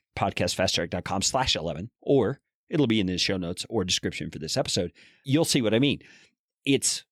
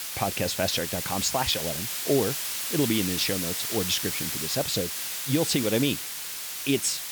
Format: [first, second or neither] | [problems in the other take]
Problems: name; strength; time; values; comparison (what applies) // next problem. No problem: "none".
first | hiss; loud; throughout; 2 dB below the speech